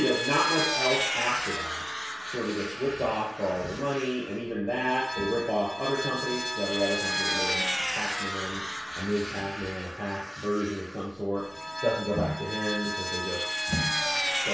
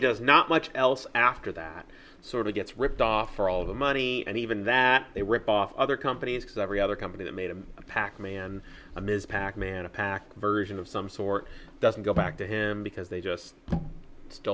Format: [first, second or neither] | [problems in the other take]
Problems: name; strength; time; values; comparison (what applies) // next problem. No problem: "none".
second | background sound (Vehicle); 2 dB below the speech // room echo; dies away in 0.6 s